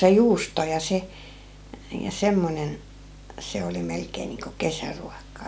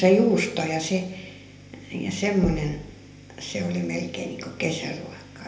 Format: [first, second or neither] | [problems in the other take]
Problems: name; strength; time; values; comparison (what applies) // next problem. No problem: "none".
first | background sound (Knock); 13 dB below the speech // room echo; dies away in 0.7 s